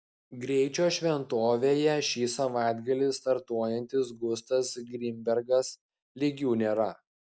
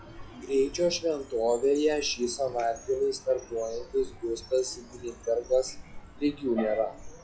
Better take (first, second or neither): first